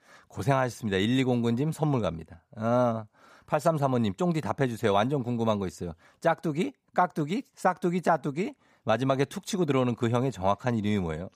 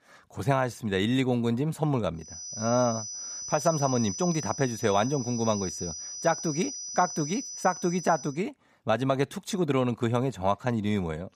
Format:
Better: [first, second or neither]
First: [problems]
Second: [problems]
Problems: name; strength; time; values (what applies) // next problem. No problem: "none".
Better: first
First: none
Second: high-pitched whine; loud; from 2.5 to 8.5 s; 6 kHz, 7 dB below the speech